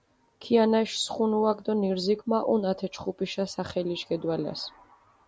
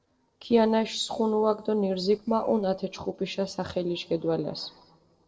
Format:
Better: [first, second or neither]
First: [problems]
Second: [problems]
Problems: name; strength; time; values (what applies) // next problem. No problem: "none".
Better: first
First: none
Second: noise reduction (neural separator model SepFormer DNS4)